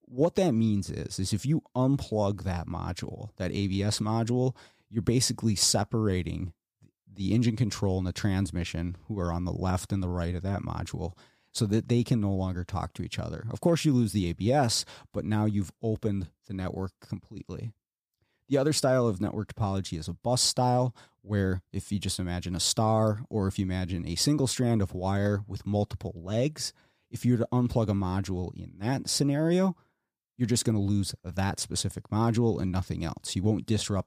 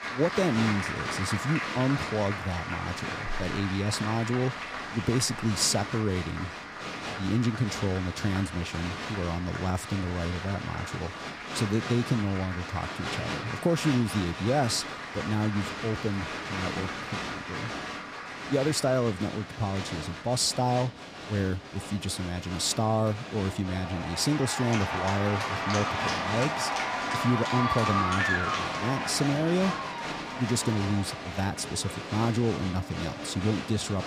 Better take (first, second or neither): first